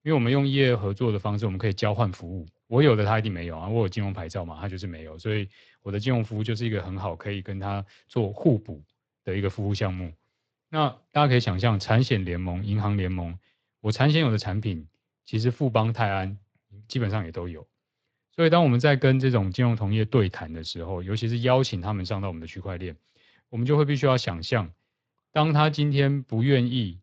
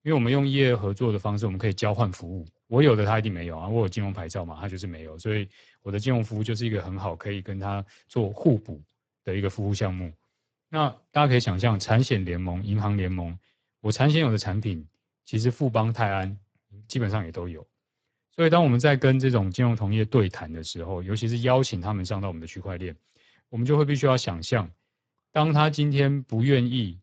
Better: first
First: garbled, watery; slightly; nothing above 7.5 kHz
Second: garbled, watery; badly; nothing above 7.5 kHz

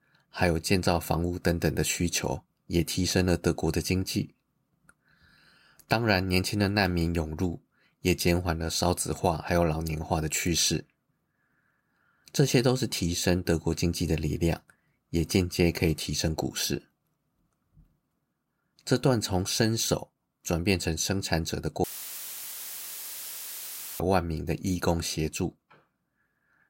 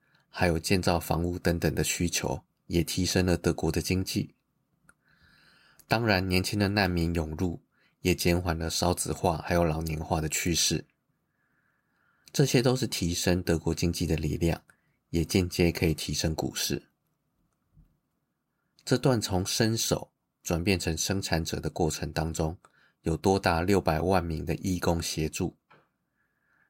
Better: second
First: audio cutting out; filled with static; at 22 s for 2 s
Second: none

